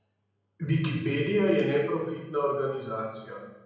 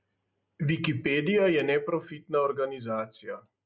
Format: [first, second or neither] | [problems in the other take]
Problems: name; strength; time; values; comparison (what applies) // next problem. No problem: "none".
second | room echo; dies away in 0.9 s